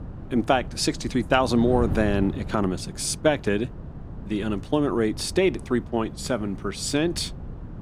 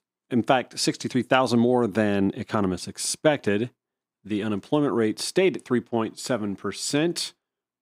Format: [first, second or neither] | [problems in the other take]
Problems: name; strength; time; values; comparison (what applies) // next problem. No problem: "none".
second | wind noise on the microphone; occasional gusts; 20 dB below the speech